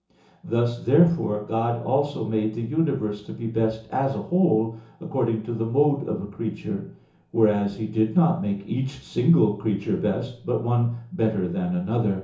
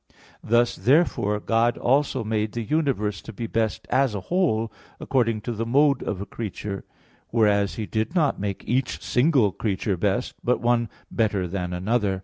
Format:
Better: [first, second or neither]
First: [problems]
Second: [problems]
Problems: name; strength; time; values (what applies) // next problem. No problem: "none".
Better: second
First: room echo; dies away in 0.7 s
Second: none